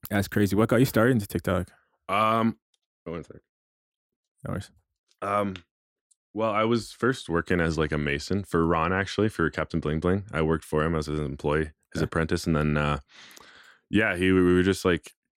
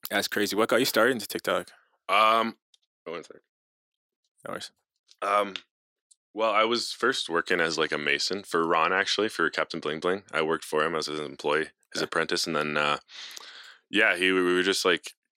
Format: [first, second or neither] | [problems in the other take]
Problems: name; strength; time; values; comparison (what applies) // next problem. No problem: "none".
first | thin; somewhat; fading below 400 Hz